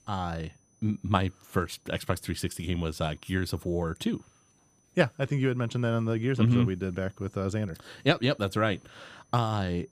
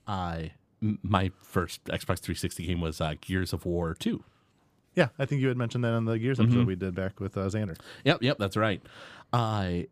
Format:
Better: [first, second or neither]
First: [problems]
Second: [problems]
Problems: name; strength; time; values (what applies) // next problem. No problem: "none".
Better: second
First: high-pitched whine; faint; throughout; 6 kHz, 35 dB below the speech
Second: none